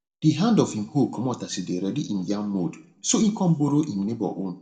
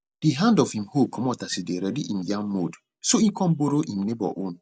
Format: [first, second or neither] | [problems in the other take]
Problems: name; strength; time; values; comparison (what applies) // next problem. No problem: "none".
second | room echo; dies away in 0.5 s